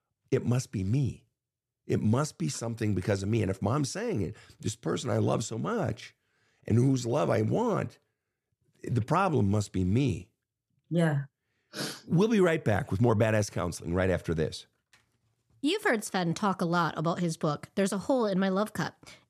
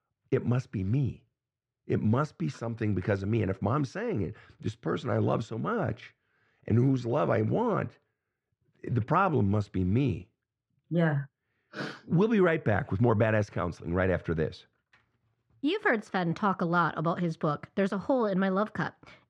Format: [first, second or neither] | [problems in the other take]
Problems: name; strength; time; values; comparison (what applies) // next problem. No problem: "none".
first | muffled; slightly; fading above 3 kHz